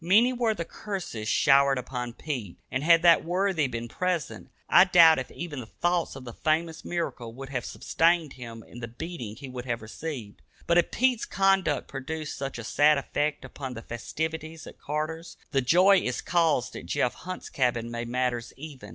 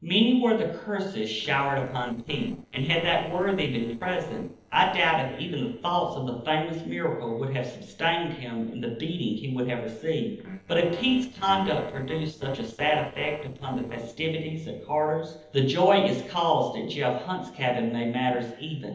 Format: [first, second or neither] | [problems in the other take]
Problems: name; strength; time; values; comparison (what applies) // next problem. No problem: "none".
first | noise reduction (neural separator model SepFormer DNS4)